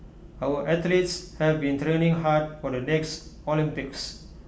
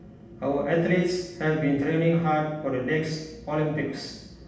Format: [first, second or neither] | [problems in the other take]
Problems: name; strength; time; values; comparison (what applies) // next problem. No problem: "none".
first | room echo; dies away in 0.8 s